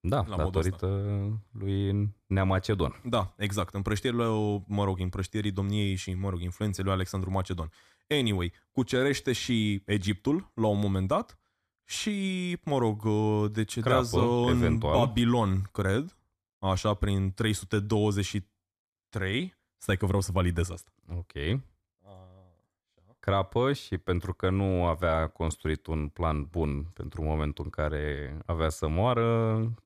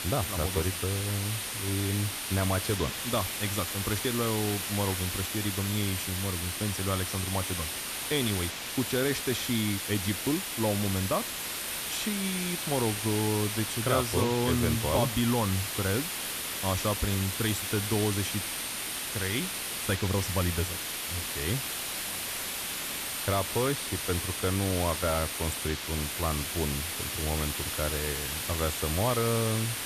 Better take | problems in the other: first | hiss; loud; throughout; 1 dB below the speech

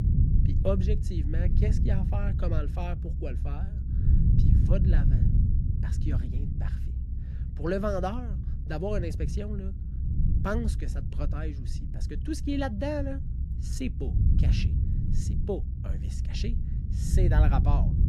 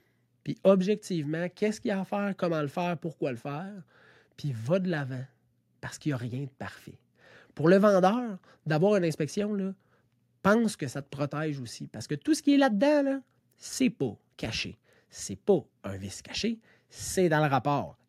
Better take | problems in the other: second | low rumble; loud; throughout; 7 dB below the speech

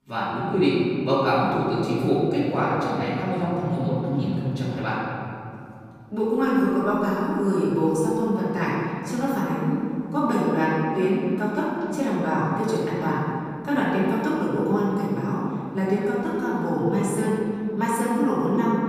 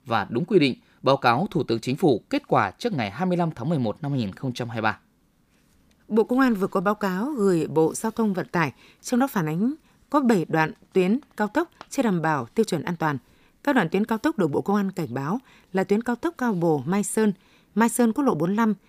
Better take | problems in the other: second | off-mic speech; far // room echo; strong; dies away in 2.6 s

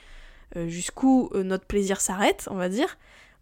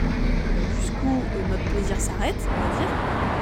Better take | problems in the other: first | traffic noise; very loud; throughout; 4 dB above the speech

